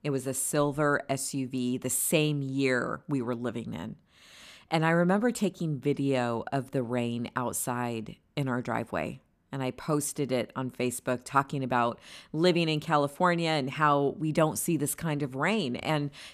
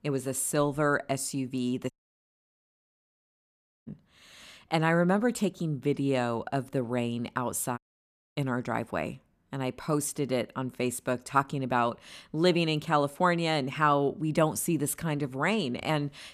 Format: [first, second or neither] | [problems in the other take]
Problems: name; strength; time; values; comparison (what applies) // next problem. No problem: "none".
first | audio cutting out; at 2 s for 2 s and at 8 s for 0.5 s